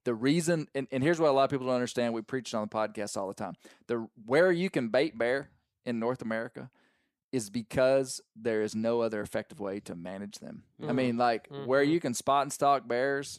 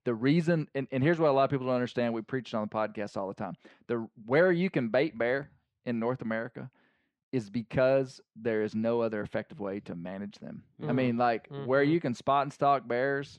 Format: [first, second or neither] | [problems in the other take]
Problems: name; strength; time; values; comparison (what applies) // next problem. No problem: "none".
first | muffled; slightly; fading above 3 kHz